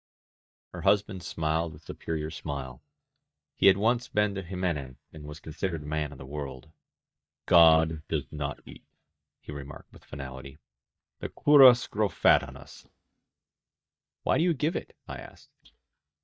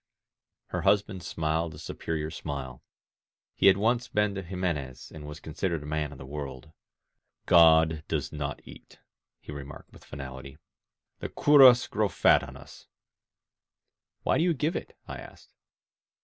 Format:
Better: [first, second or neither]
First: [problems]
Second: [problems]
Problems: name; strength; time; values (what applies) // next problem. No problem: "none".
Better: second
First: noise reduction (neural mask model DeepFilterNet 3)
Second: none